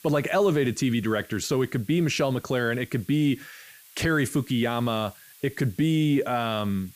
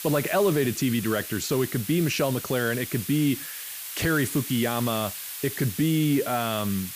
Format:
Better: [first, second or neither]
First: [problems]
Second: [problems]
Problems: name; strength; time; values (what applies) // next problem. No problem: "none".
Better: first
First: hiss; faint; throughout; 25 dB below the speech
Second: hiss; loud; throughout; 8 dB below the speech